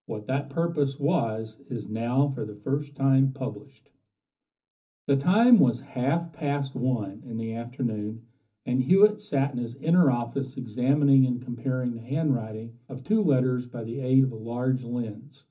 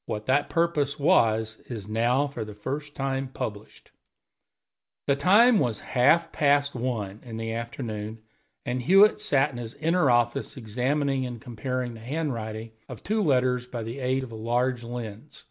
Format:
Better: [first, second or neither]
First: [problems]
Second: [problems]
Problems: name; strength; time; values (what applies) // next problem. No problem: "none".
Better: second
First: room echo; dies away in 0.3 s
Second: none